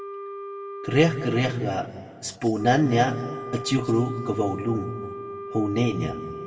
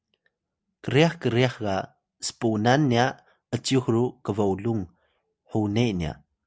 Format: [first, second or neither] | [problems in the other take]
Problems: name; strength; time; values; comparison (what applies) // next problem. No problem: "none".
second | background sound (Wind instrument, woodwind instrument); 11 dB below the speech // room echo; dies away in 1.8 s